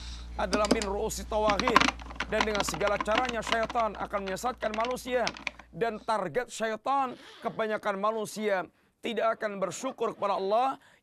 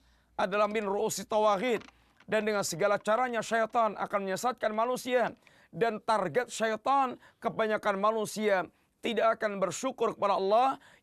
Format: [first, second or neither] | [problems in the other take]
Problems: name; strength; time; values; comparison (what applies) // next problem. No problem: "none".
second | household noises; loud; throughout; 1 dB below the speech; faint in the second